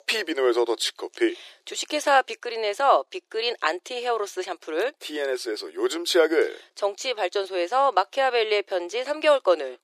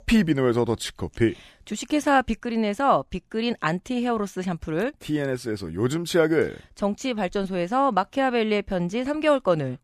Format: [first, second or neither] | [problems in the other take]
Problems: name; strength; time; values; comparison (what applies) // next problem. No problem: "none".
second | thin; very; fading below 350 Hz